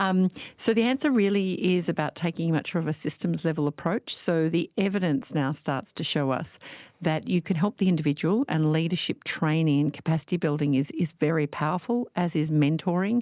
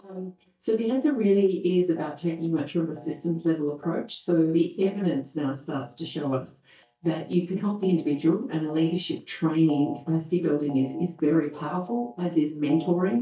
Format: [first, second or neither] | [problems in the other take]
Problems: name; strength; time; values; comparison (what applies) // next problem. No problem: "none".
first | noise reduction (neural mask model DeepFilterNet 3)